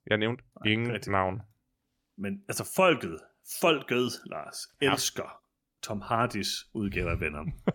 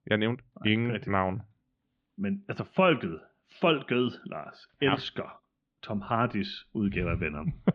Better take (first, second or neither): first